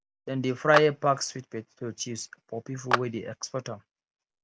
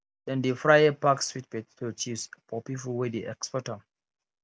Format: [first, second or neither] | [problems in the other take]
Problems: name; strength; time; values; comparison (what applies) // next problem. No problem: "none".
second | background sound (Clapping); 5 dB below the speech